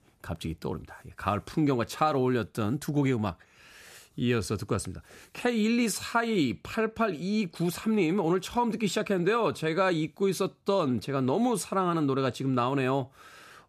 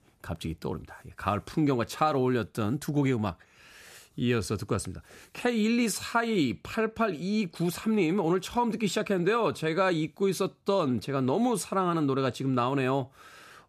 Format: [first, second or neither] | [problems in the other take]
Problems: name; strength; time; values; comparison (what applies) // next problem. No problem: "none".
neither | none